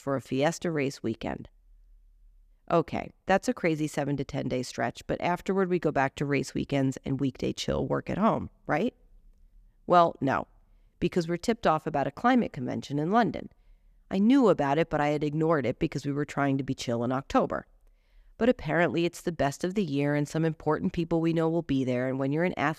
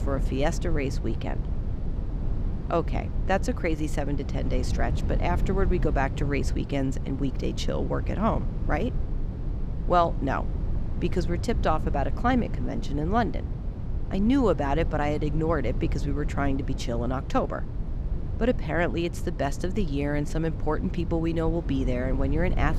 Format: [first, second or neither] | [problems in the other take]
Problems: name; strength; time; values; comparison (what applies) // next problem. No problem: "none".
first | low rumble; noticeable; throughout; 15 dB below the speech